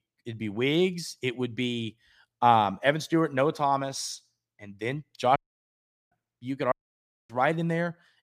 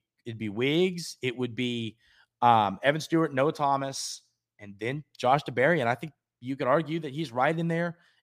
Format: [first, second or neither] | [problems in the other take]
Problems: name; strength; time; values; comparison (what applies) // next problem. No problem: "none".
second | audio cutting out; at 5.5 s for 1 s and at 6.5 s for 0.5 s